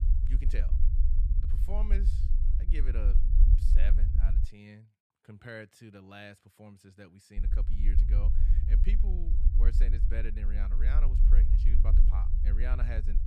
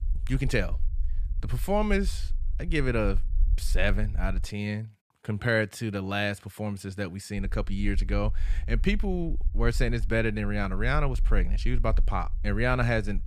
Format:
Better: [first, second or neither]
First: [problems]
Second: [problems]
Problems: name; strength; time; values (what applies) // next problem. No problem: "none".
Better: second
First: low rumble; loud; until 4.5 s and from 7.5 s on; 3 dB below the speech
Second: low rumble; faint; until 4.5 s and from 7.5 s on; 25 dB below the speech